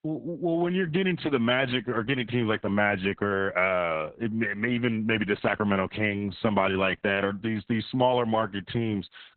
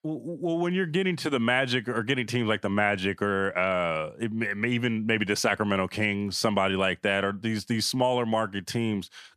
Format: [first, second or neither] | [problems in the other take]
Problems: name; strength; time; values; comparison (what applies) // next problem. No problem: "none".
second | garbled, watery; badly; nothing above 4 kHz